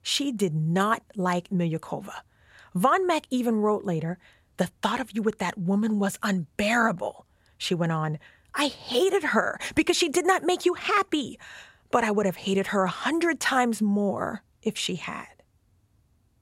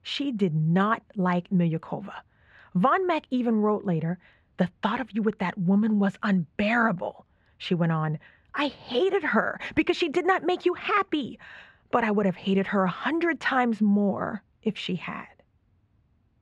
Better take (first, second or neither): first